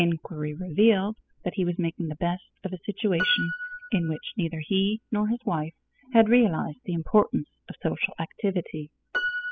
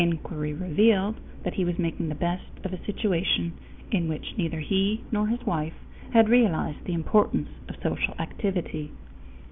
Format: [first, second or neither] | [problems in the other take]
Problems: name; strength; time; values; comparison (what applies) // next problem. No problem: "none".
second | noise reduction (classical method spectral subtraction)